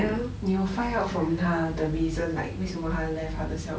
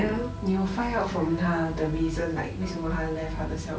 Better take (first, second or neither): first